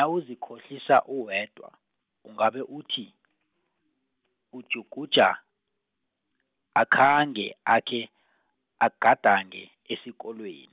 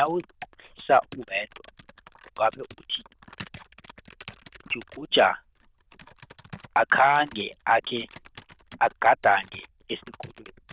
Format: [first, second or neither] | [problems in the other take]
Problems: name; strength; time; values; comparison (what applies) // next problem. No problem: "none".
first | noise reduction (neural diffusion model UNIVERSE++)